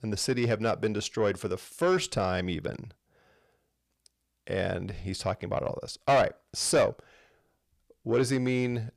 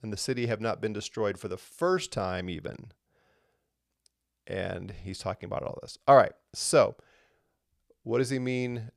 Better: second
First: distortion; heavy; 7 dB below the speech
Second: none

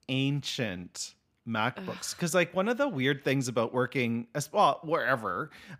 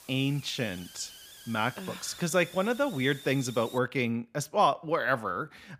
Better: first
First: none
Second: hiss; noticeable; until 4 s; 15 dB below the speech

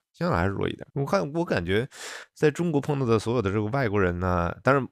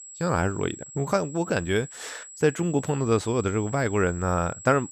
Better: first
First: none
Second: high-pitched whine; noticeable; throughout; 7.5 kHz, 15 dB below the speech

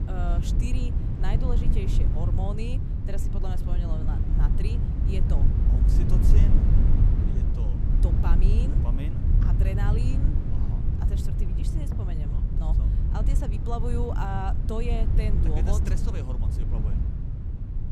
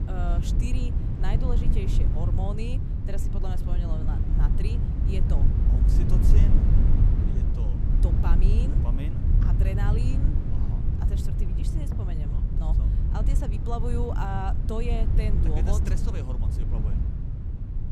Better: neither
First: low rumble; loud; throughout; 1 dB below the speech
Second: low rumble; loud; throughout; 1 dB below the speech

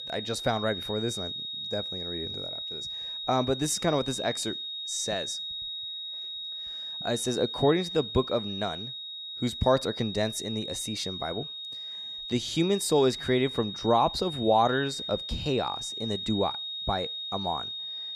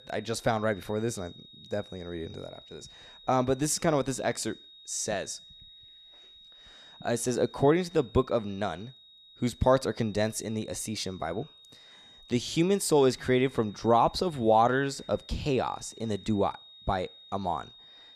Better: second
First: high-pitched whine; loud; throughout; 3.5 kHz, 5 dB below the speech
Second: high-pitched whine; faint; throughout; 3.5 kHz, 20 dB below the speech

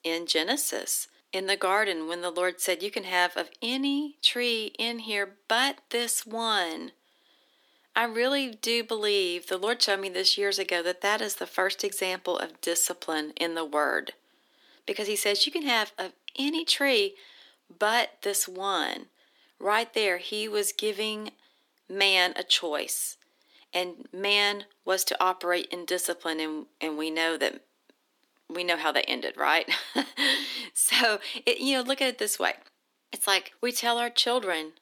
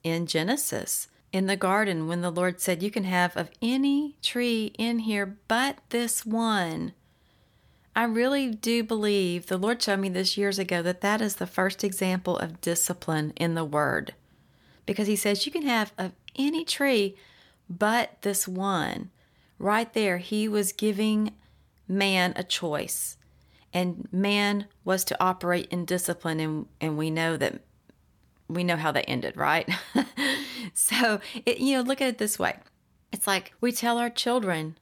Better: second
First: thin; somewhat; fading below 300 Hz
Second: none

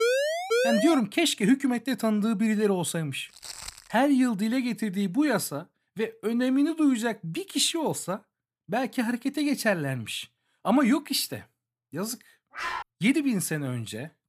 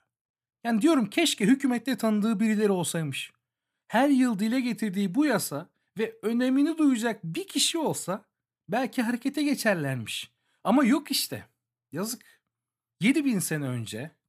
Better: second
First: siren; loud; until 1 s; peak 2 dB above the speech // footsteps; faint; at 3.5 s; peak 10 dB below the speech // dog barking; noticeable; at 13 s; peak 6 dB below the speech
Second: none

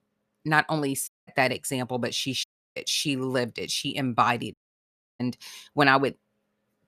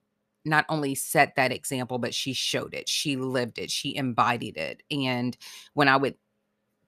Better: second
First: audio cutting out; at 1 s, at 2.5 s and at 4.5 s for 0.5 s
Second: none

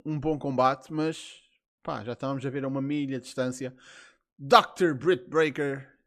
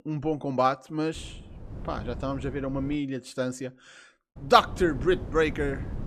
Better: first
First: none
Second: wind noise on the microphone; occasional gusts; from 1 to 3 s and from 4.5 s on; 20 dB below the speech

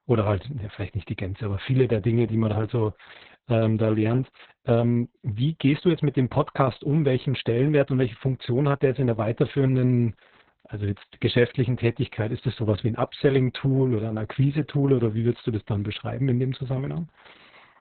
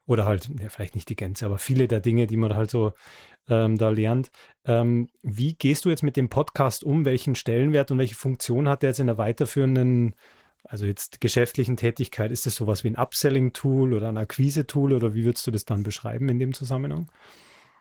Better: second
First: garbled, watery; badly; nothing above 4 kHz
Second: garbled, watery; slightly; nothing above 19 kHz

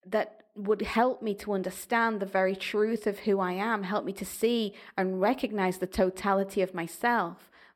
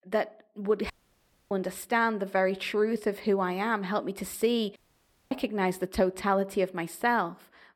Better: first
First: none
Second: audio cutting out; at 1 s for 0.5 s and at 5 s for 0.5 s

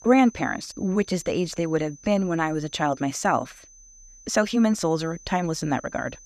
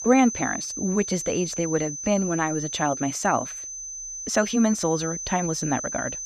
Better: first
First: high-pitched whine; faint; throughout; 6 kHz, 20 dB below the speech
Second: high-pitched whine; loud; throughout; 6 kHz, 6 dB below the speech

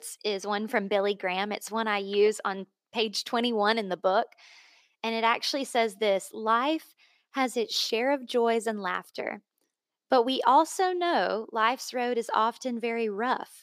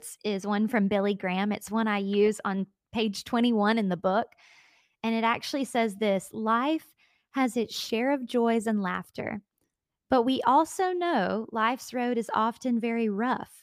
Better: second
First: thin; somewhat; fading below 400 Hz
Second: none

